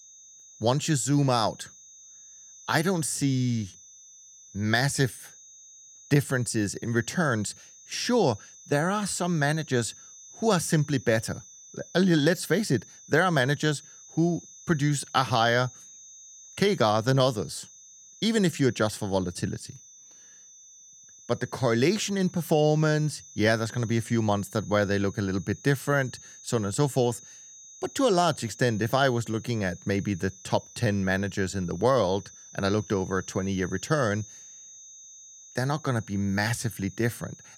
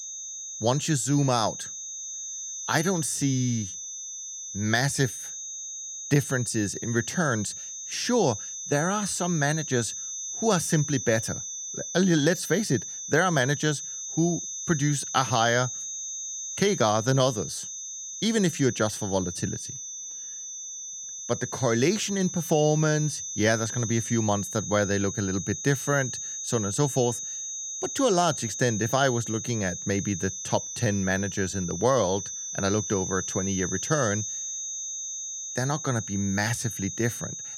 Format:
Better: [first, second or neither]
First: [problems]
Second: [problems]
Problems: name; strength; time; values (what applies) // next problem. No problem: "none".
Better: first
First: high-pitched whine; faint; throughout; 6 kHz, 20 dB below the speech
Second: high-pitched whine; loud; throughout; 6 kHz, 6 dB below the speech